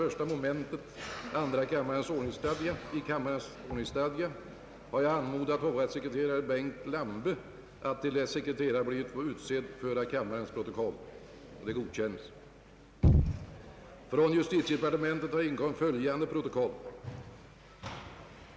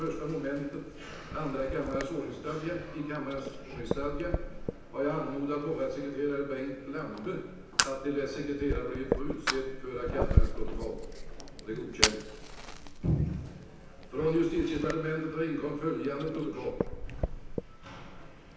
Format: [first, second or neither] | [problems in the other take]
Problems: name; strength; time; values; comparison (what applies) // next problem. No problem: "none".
first | background sound (Fire); 1 dB below the speech // room echo; dies away in 0.9 s